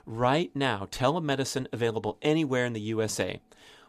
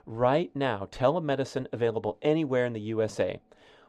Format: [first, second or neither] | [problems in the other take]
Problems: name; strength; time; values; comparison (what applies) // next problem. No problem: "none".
first | muffled; slightly; fading above 2.5 kHz